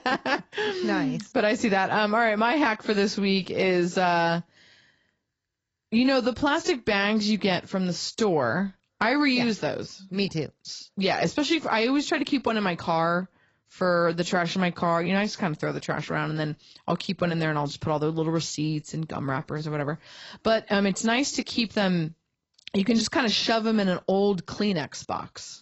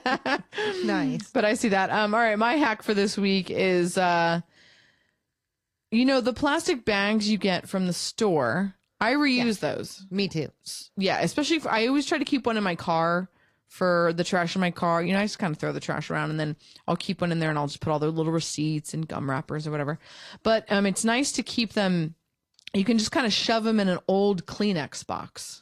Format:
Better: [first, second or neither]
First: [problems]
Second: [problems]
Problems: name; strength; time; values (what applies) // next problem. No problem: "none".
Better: second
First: garbled, watery; badly; nothing above 8 kHz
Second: garbled, watery; slightly